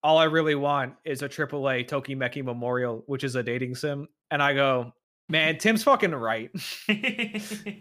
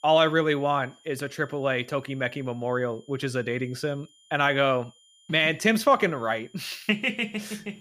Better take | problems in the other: first | high-pitched whine; faint; throughout; 3 kHz, 30 dB below the speech

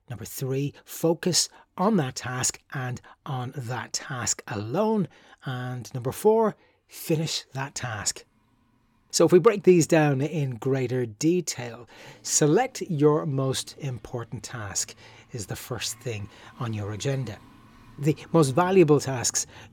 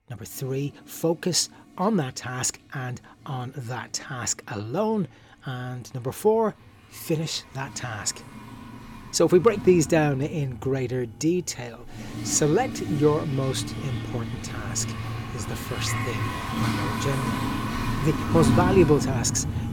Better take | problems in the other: first | household noises; loud; throughout; 4 dB below the speech; faint in the first

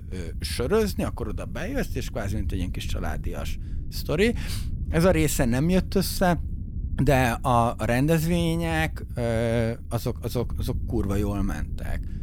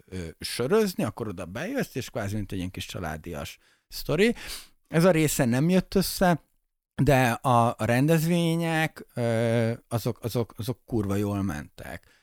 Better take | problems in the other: second | low rumble; faint; throughout; 20 dB below the speech

